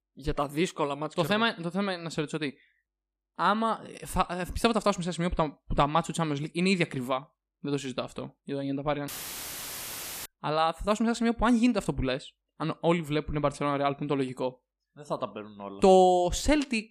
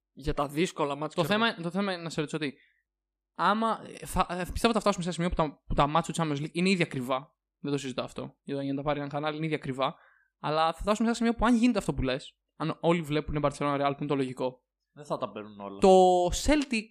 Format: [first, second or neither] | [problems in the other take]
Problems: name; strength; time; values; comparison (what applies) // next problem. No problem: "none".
second | audio cutting out; filled with static; at 9 s for 1 s